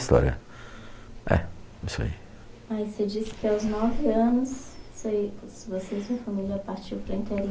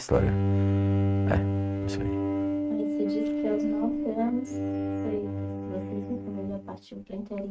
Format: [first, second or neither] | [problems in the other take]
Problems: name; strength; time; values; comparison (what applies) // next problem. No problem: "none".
first | noise reduction (neural mask model RNNoise)